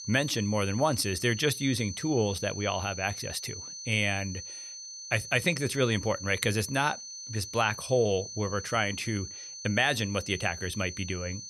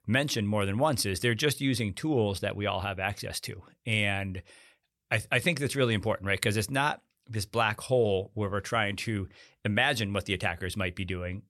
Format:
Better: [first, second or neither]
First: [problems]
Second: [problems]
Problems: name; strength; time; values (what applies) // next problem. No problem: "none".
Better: second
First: high-pitched whine; loud; throughout; 6 kHz, 10 dB below the speech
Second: none